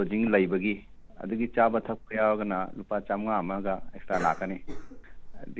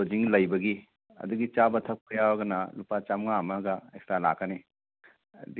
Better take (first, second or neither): second